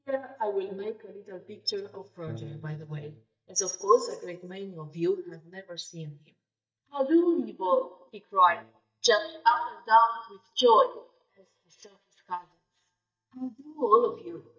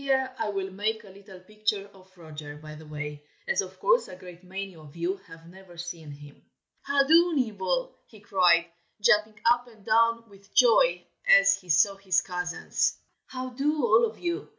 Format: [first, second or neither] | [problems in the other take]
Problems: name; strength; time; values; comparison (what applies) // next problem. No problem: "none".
second | noise reduction (neural mask model DeepFilterNet 3)